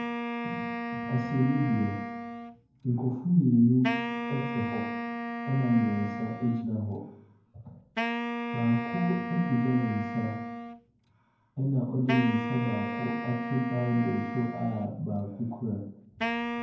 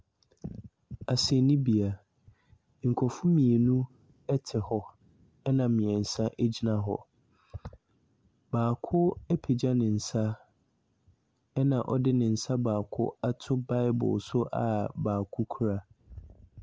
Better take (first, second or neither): second